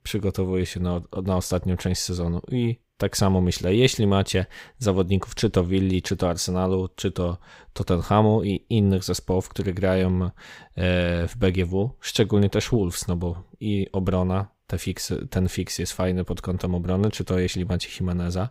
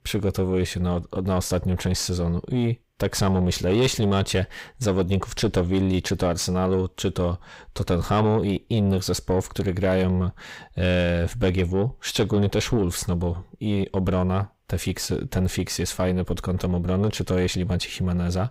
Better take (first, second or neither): first